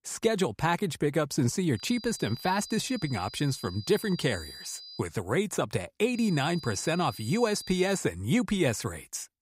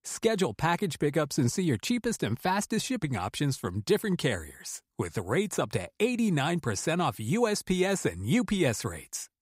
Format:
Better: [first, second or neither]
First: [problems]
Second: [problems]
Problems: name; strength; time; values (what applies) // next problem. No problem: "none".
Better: second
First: high-pitched whine; noticeable; from 2 to 5 s and from 6 to 8 s; 5 kHz, 15 dB below the speech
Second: none